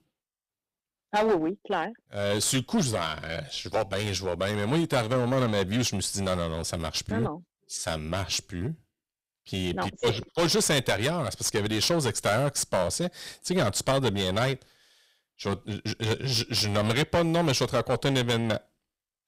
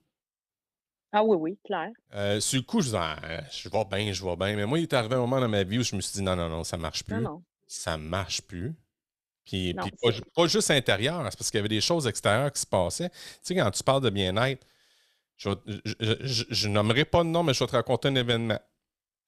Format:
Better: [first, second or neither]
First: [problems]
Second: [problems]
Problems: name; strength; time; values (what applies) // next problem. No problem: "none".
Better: second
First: distortion; heavy; 9% of the sound clipped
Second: none